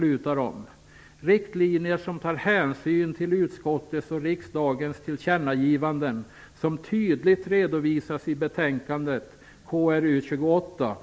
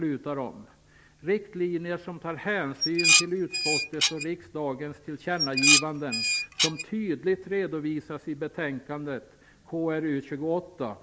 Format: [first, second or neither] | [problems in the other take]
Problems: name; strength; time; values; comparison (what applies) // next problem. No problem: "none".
first | background sound (Dishes, pots, and pans); 5 dB above the speech